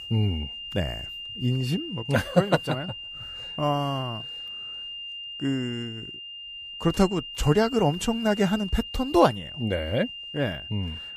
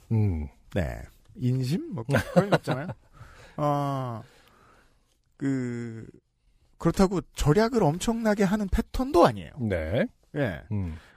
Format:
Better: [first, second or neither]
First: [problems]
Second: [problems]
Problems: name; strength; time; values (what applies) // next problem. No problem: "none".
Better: second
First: high-pitched whine; loud; throughout; 3 kHz, 9 dB below the speech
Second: none